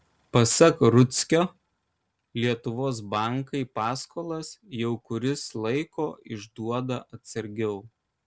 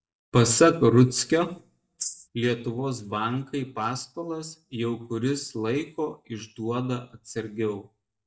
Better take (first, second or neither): first